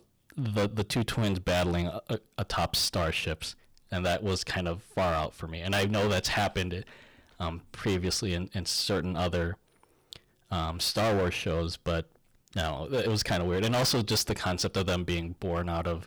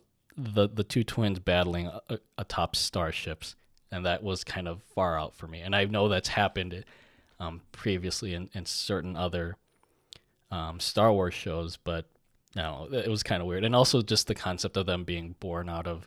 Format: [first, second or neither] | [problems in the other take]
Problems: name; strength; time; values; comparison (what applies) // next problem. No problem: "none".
second | distortion; heavy; 12% of the sound clipped